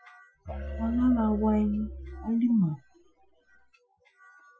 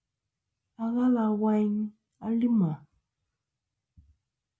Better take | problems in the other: second | noise reduction (classical method Wiener filter)

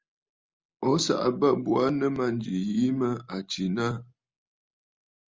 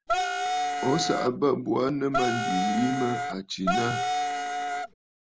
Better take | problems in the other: first | background sound (Wind instrument, woodwind instrument); 1 dB above the speech

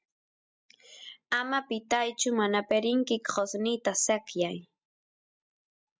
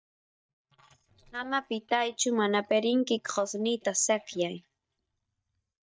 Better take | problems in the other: first | noise reduction (neural mask model DeepFilterNet 3)

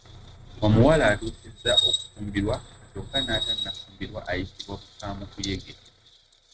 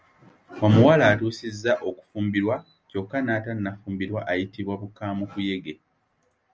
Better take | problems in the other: second | noise reduction (neural mask model RNNoise)

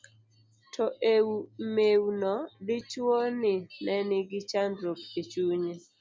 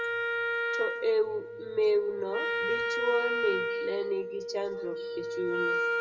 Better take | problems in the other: first | background sound (Wind instrument, woodwind instrument); as loud as the speech // room echo; dies away in 1.5 s

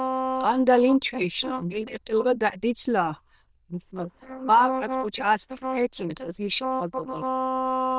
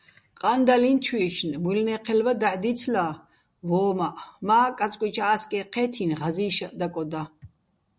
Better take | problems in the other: second | noise reduction (neural diffusion model UNIVERSE++)

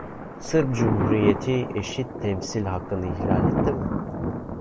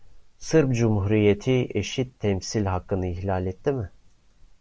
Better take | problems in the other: second | background sound (Thunder); 1 dB below the speech

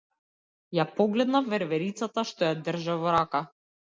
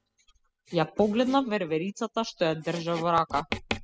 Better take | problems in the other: first | noise reduction (classical method spectral subtraction)

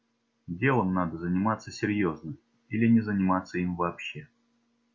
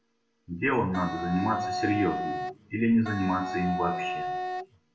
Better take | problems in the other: first | background sound (Wind instrument, woodwind instrument); 4 dB below the speech // room echo; dies away in 0.5 s

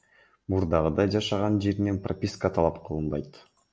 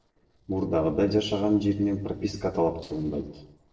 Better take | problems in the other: first | noise reduction (neural separator model SepFormer DNS4)

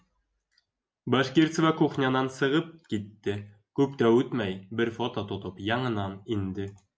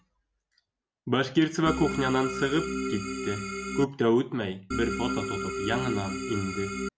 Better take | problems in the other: first | background sound (Organ); 3 dB below the speech

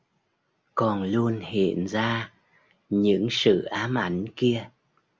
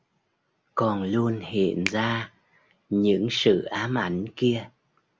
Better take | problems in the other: first | background sound (Finger snapping); 15 dB below the speech

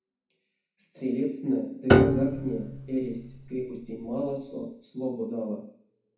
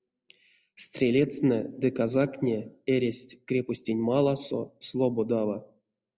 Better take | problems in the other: second | background sound (Piano); 5 dB above the speech // room echo; dies away in 0.6 s

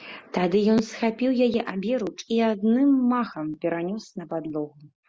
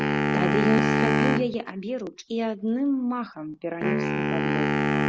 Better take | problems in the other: first | background sound (Wind instrument, woodwind instrument); 3 dB above the speech

